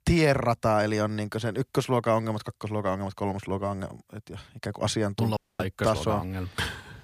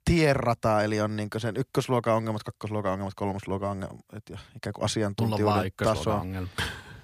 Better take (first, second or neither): second